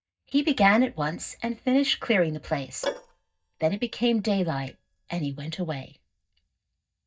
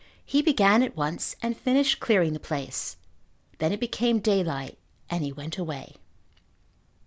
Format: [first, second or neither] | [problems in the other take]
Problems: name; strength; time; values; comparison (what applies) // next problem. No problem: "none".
second | noise reduction (neural mask model DeepFilterNet 3)